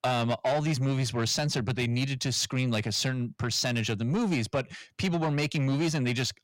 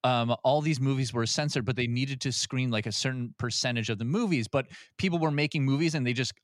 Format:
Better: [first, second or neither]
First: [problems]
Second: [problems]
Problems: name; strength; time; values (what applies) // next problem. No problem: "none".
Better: second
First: distortion; slight; 10 dB below the speech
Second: none